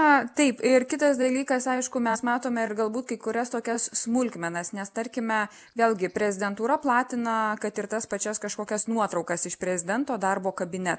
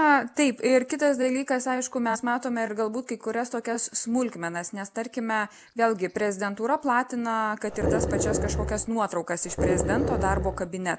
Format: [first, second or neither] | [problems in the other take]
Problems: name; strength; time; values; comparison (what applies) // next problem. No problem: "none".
first | background sound (Growling); 1 dB below the speech